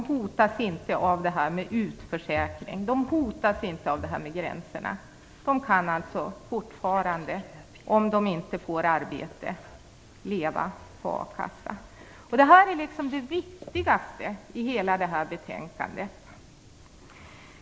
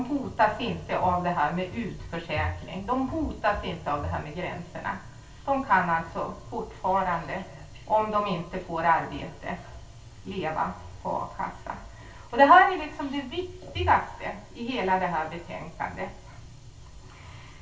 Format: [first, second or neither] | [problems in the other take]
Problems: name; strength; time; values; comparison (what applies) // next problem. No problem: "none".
first | room echo; dies away in 0.3 s